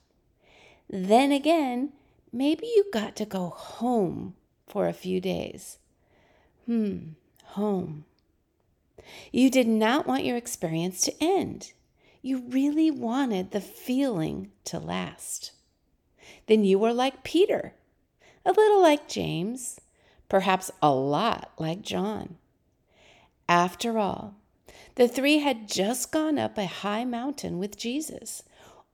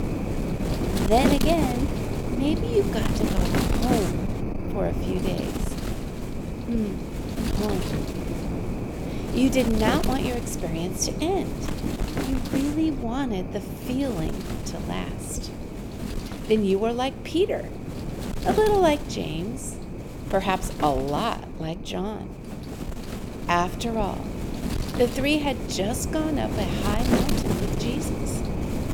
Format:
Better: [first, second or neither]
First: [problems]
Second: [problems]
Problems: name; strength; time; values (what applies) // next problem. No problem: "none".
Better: first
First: none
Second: wind noise on the microphone; heavy; 6 dB below the speech